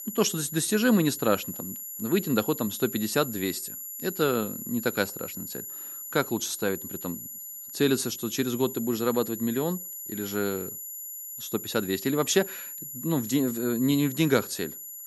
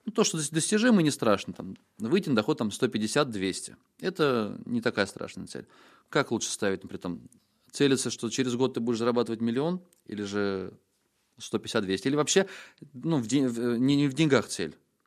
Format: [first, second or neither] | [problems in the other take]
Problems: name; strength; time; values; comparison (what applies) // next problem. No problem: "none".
second | high-pitched whine; loud; throughout; 11.5 kHz, 8 dB below the speech